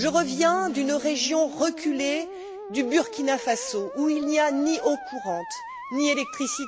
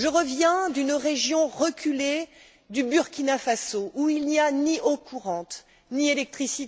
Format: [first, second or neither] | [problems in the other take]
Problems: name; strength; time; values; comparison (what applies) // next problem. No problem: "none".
second | background sound (Musical instrument); 12 dB below the speech